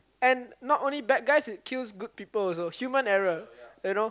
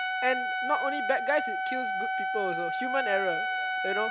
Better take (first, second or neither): first